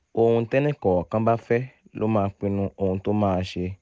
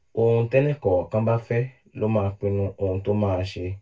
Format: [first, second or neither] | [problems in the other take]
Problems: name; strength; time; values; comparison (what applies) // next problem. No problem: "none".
first | room echo; dies away in 0.2 s